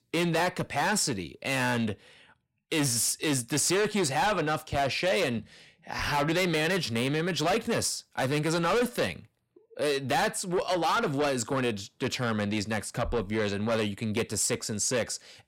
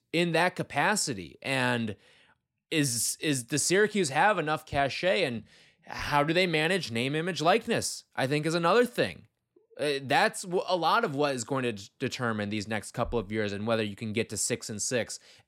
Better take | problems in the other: second | distortion; heavy; 7 dB below the speech

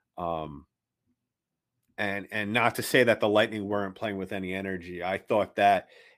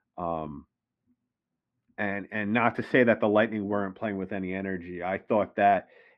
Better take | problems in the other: first | muffled; very; fading above 2 kHz

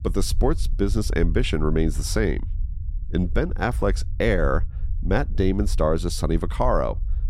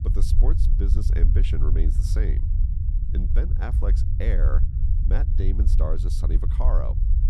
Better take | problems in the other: first | low rumble; loud; throughout; 5 dB below the speech; faint in the first

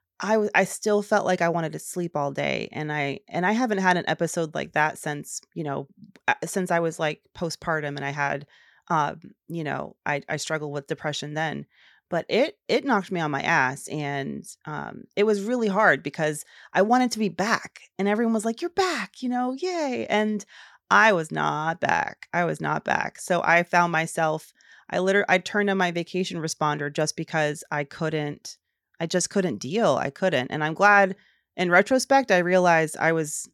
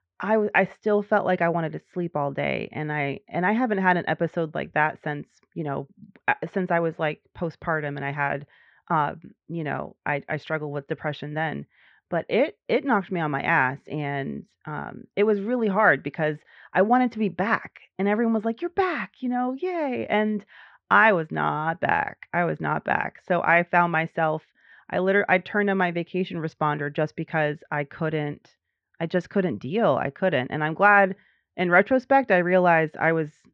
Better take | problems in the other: first | muffled; very; fading above 3 kHz

